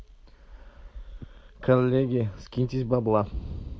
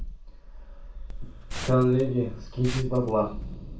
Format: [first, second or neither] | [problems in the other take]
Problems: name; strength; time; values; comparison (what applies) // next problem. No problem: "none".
first | background sound (Liquid); 10 dB below the speech // room echo; dies away in 0.4 s